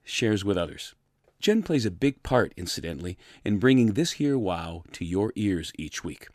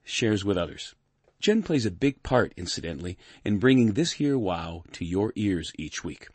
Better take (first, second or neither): first